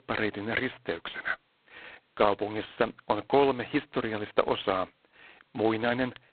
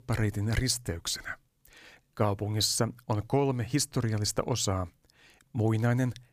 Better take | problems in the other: second | phone-call audio; poor line; nothing above 4 kHz

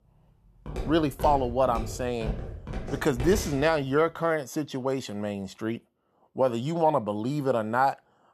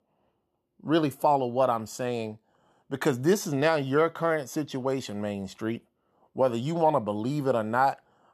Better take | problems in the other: second | footsteps; noticeable; from 0.5 to 3.5 s; peak 7 dB below the speech

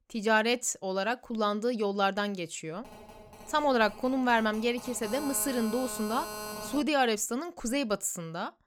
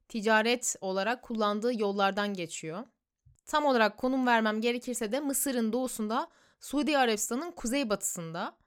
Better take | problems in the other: second | phone ringing; noticeable; from 3 to 7 s; peak 8 dB below the speech

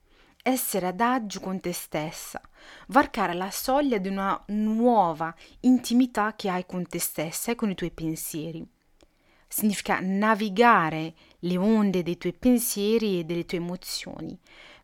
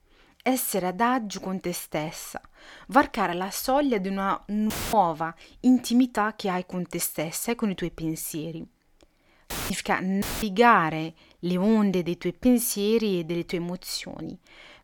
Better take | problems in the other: first | audio cutting out; filled with static; at 4.5 s, at 9.5 s and at 10 s

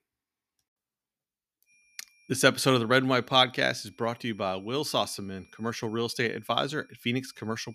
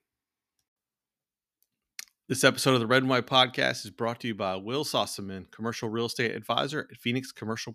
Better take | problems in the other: second | high-pitched whine; faint; from 1.5 s on; 2.5 kHz, 35 dB below the speech

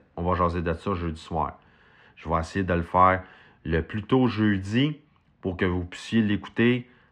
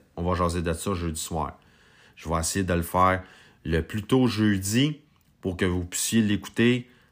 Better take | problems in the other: second | muffled; very; fading above 2.5 kHz

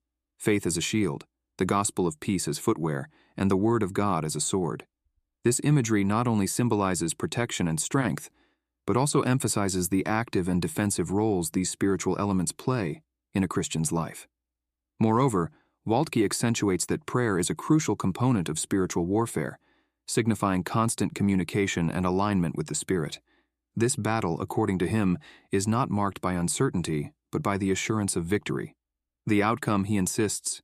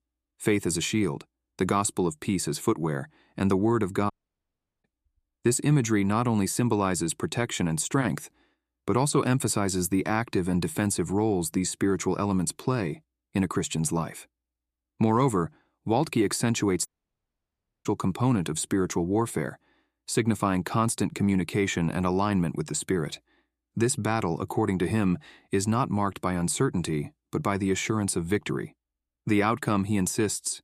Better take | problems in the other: first | audio cutting out; at 4 s for 0.5 s and at 17 s for 1 s

